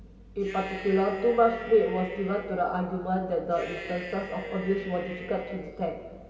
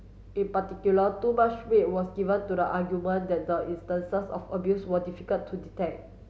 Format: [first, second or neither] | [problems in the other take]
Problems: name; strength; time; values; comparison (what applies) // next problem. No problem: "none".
second | background sound (Cheering); 13 dB below the speech // room echo; dies away in 3 s